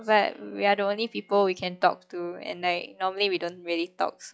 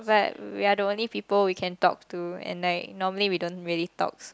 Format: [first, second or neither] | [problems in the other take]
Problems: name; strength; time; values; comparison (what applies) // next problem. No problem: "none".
second | noise reduction (classical method log-MMSE)